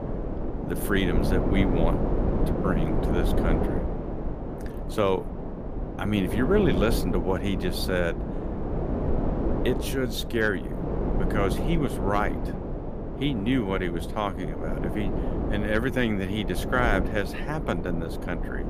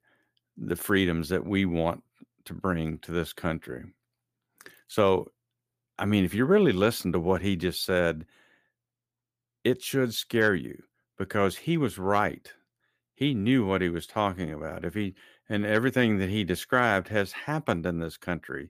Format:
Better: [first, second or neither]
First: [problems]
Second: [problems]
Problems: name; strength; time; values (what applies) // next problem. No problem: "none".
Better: second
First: wind noise on the microphone; heavy; 5 dB below the speech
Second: none